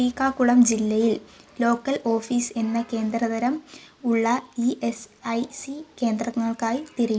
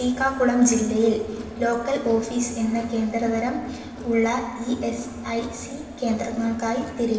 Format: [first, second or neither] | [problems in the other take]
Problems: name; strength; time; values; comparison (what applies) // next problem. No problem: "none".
first | background sound (Crowd); 15 dB below the speech // room echo; dies away in 1.2 s